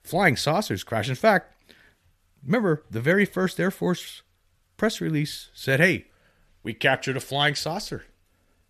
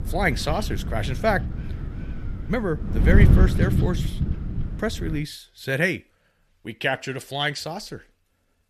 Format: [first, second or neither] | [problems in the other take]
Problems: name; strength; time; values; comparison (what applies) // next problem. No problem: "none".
first | wind noise on the microphone; heavy; until 5 s; 9 dB below the speech